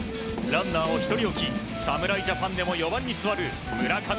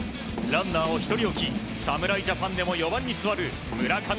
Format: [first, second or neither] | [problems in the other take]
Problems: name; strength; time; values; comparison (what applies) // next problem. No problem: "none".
second | background sound (Wind instrument, woodwind instrument); 9 dB below the speech